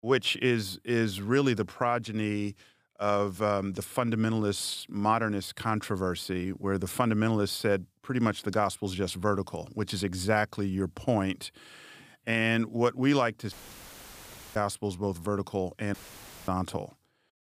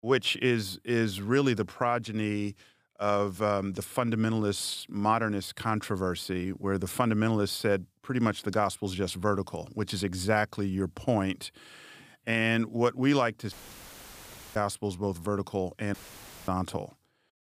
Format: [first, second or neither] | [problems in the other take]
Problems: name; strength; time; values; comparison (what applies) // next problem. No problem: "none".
neither | audio cutting out; filled with static; at 14 s for 1 s and at 16 s for 0.5 s; the same in both